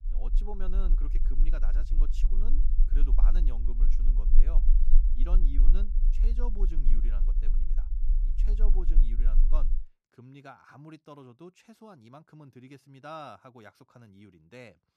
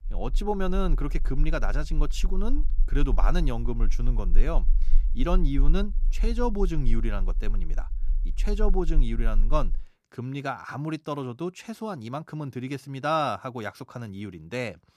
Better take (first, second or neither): second